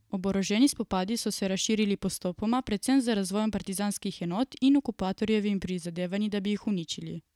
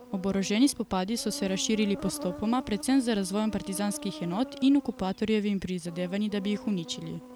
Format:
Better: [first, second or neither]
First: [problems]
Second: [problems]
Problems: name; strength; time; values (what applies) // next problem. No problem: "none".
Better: first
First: none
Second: background sound (Insect); 15 dB below the speech